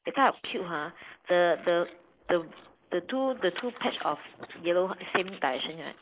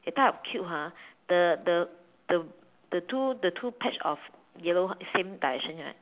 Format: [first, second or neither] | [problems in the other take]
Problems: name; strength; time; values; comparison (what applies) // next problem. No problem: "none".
second | noise reduction (neural mask model Resemble Enhance denoiser)